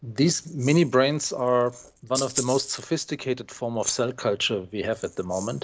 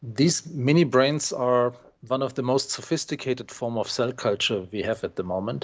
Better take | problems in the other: second | background sound (Rattle (instrument)); 13 dB below the speech

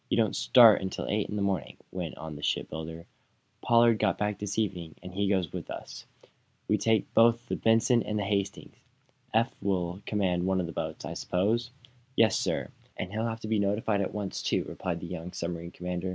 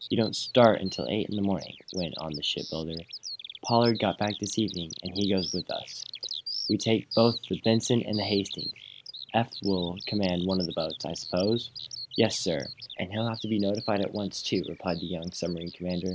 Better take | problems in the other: first | background sound (Bird vocalization, bird call, bird song); 11 dB below the speech

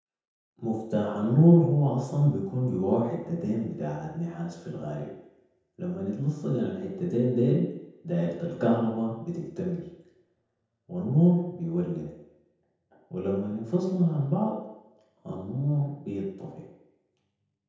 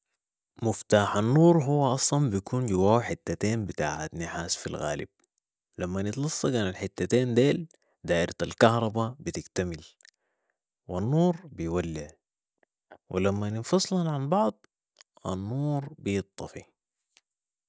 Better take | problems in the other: second | room echo; dies away in 0.9 s

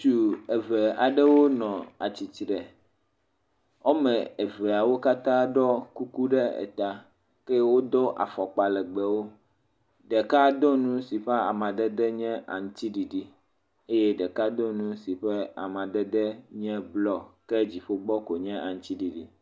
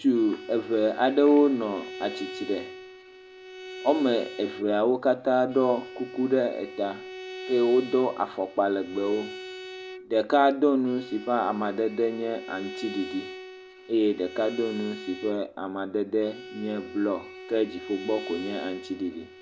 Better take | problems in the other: first | background sound (Bowed string instrument); 14 dB below the speech

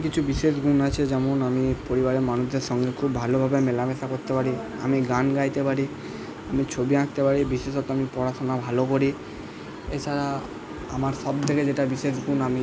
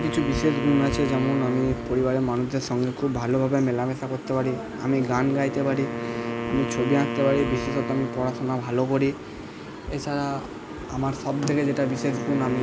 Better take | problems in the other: first | background sound (Wind instrument, woodwind instrument); 9 dB below the speech

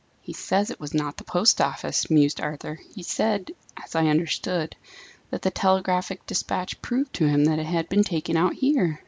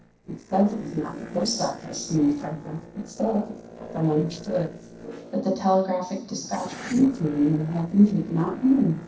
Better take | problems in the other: first | noise reduction (neural separator model SepFormer DNS4)

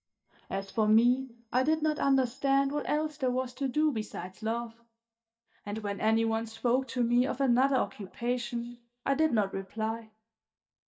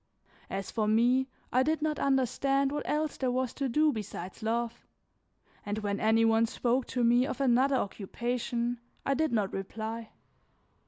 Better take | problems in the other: second | noise reduction (neural mask model DeepFilterNet 3)

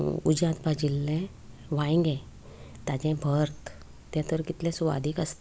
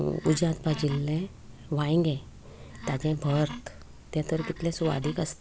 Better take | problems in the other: first | background sound (Wood); 14 dB below the speech

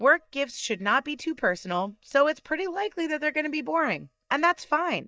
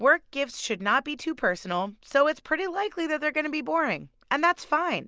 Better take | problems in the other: second | noise reduction (neural mask model DeepFilterNet 3)

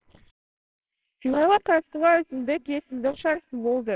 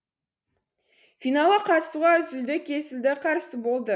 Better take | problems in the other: second | noise reduction (neural separator model SepFormer WHAMR!)

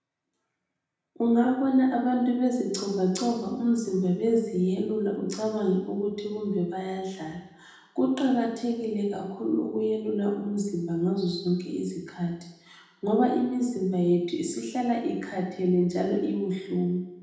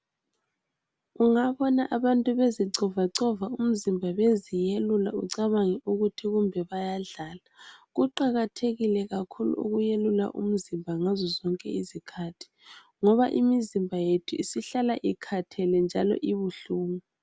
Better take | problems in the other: second | room echo; dies away in 0.8 s

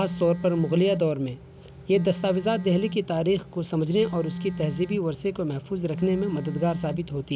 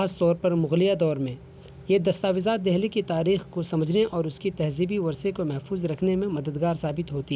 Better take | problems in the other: second | background sound (Telephone); 10 dB below the speech

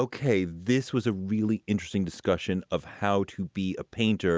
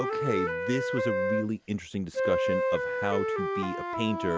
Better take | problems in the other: first | background sound (Wind instrument, woodwind instrument); 2 dB above the speech

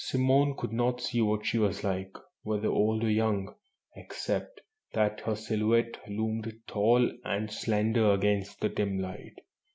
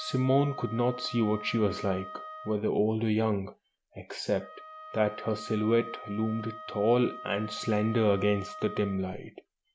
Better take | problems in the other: first | background sound (Wind instrument, woodwind instrument); 14 dB below the speech

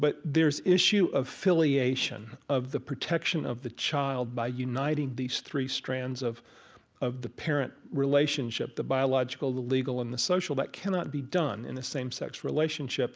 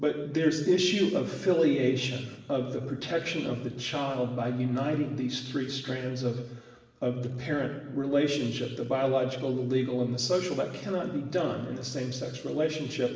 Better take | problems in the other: first | room echo; dies away in 1.1 s

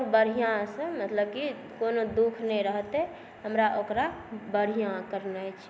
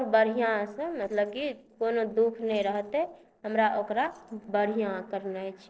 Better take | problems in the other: first | noise reduction (neural separator model SepFormer DNS4)

